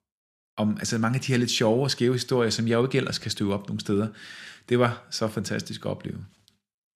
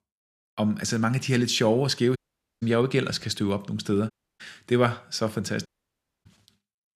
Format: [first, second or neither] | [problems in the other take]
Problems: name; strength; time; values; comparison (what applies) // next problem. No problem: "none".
first | audio cutting out; at 2 s, at 4 s and at 5.5 s for 0.5 s